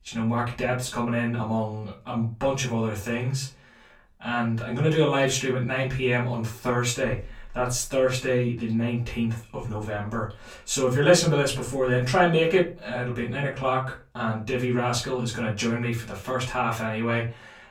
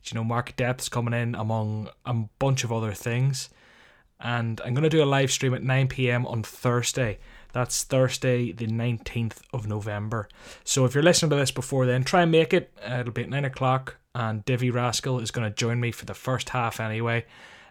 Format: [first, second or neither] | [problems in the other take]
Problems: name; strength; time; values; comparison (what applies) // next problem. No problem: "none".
second | off-mic speech; far // room echo; slight; dies away in 0.3 s